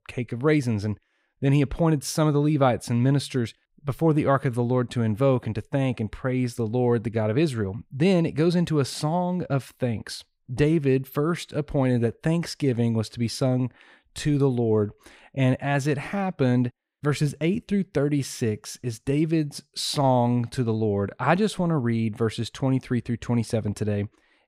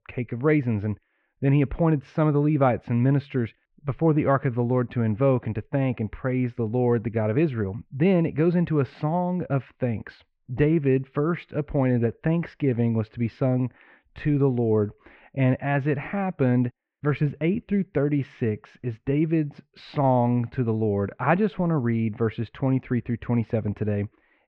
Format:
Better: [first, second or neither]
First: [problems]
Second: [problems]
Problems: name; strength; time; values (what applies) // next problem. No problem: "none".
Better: first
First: none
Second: muffled; very; fading above 2.5 kHz